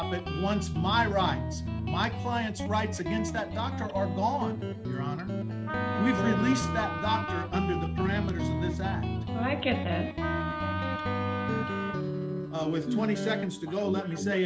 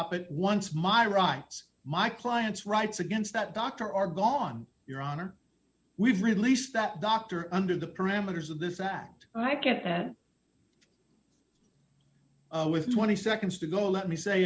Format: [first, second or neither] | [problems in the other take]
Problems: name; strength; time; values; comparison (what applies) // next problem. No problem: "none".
second | background sound (Guitar + Wind instrument, woodwind instrument); as loud as the speech